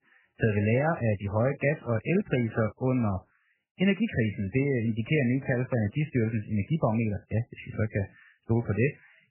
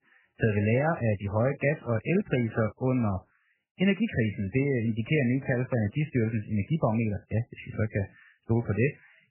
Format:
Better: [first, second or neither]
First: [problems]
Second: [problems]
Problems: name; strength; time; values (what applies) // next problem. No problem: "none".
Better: neither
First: garbled, watery; badly; nothing above 3 kHz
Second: garbled, watery; badly; nothing above 3 kHz